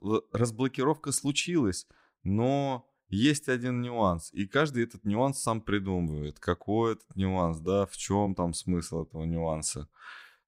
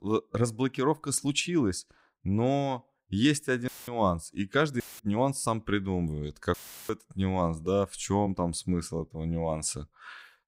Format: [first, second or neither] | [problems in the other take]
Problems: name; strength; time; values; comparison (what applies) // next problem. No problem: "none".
first | audio cutting out; filled with static; at 3.5 s, at 5 s and at 6.5 s